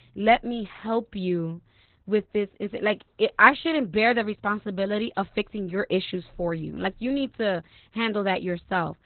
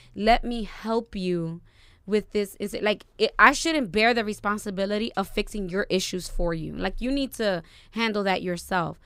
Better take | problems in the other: second | garbled, watery; badly; nothing above 4 kHz

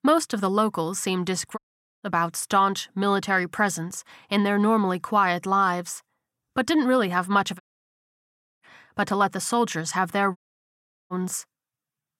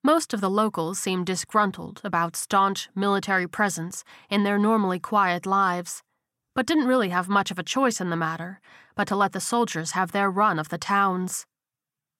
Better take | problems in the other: second | audio cutting out; at 1.5 s, at 7.5 s for 1 s and at 10 s for 0.5 s

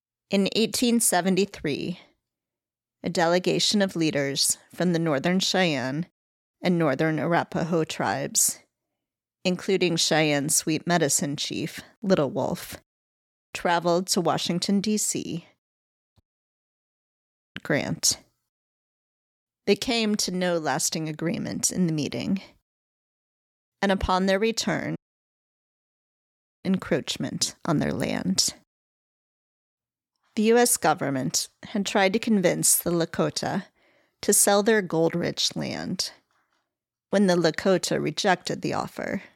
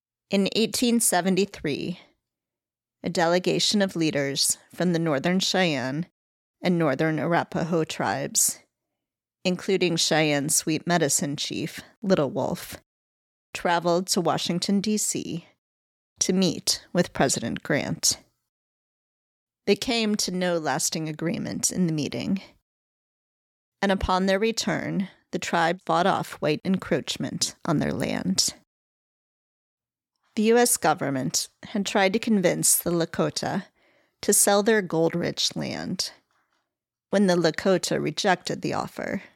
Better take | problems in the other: second | audio cutting out; at 16 s for 1.5 s and at 25 s for 1.5 s

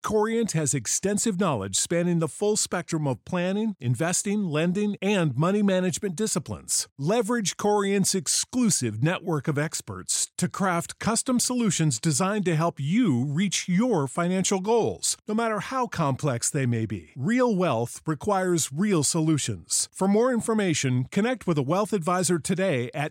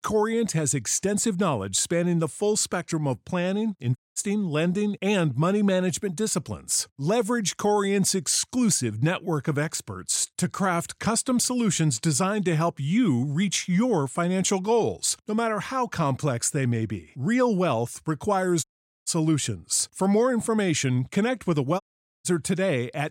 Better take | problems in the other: first | audio cutting out; at 4 s, at 19 s and at 22 s

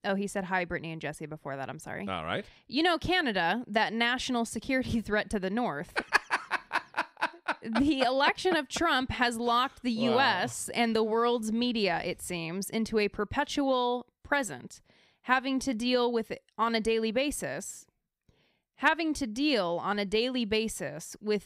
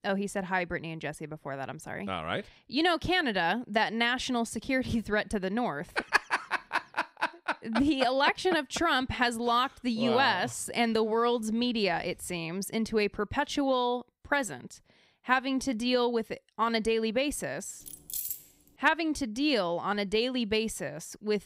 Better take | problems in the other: first | jangling keys; noticeable; at 18 s; peak 4 dB below the speech

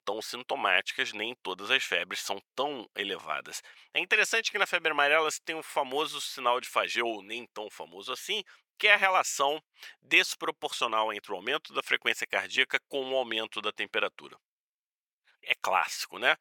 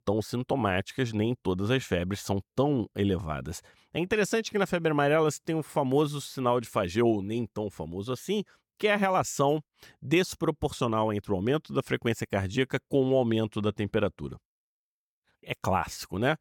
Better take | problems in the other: second | thin; very; fading below 700 Hz

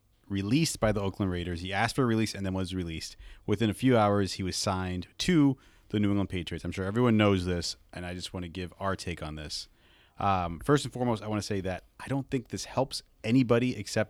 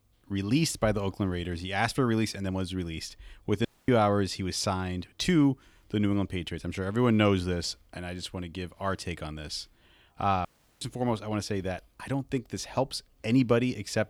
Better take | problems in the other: first | audio cutting out; at 3.5 s and at 10 s

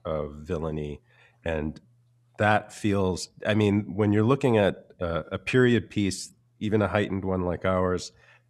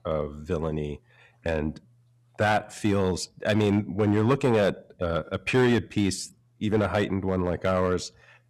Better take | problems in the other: first | distortion; slight; 4% of the sound clipped

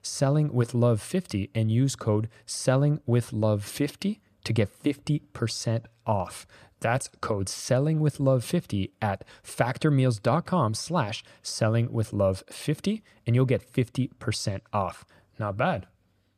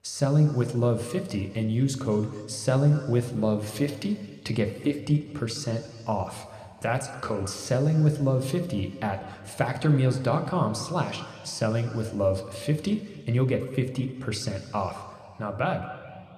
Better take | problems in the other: first | room echo; very slight; dies away in 2.2 s

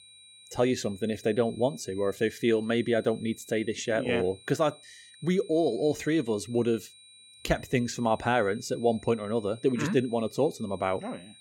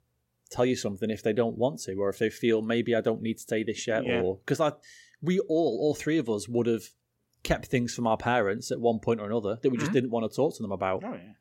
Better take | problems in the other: second | high-pitched whine; faint; throughout; 4 kHz, 20 dB below the speech

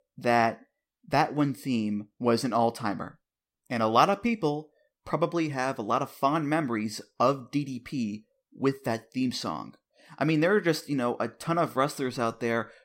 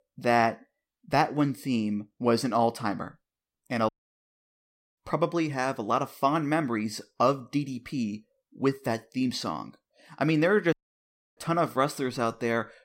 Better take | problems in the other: first | audio cutting out; at 4 s for 1 s and at 11 s for 0.5 s

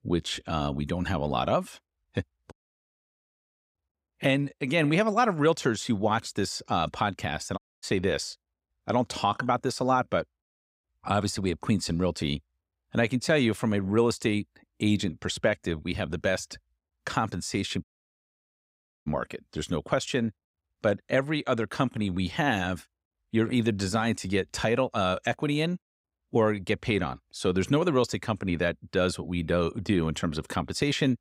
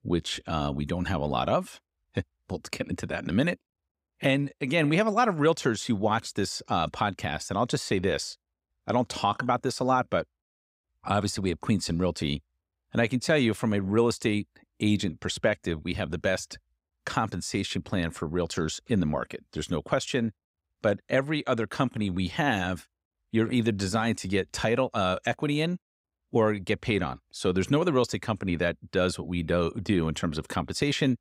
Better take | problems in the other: second | audio cutting out; at 2.5 s for 1 s, at 7.5 s and at 18 s for 1 s

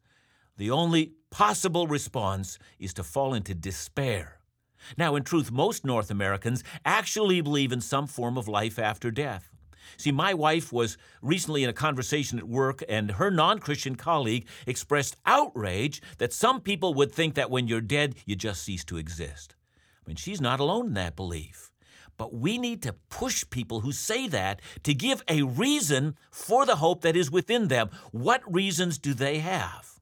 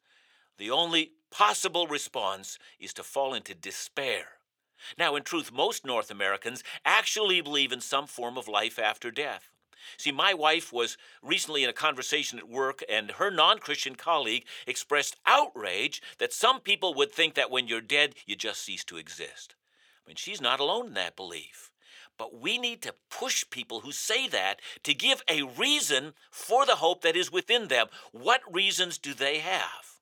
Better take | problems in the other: first | thin; somewhat; fading below 500 Hz

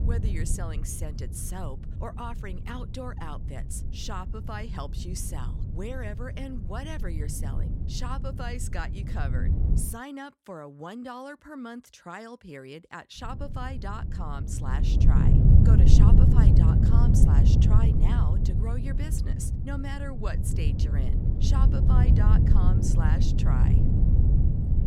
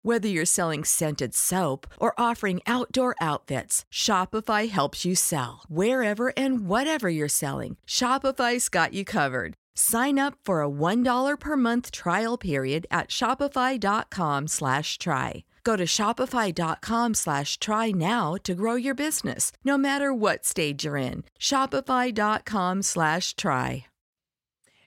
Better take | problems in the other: second | wind noise on the microphone; heavy; until 10 s and from 13 s on; 2 dB above the speech

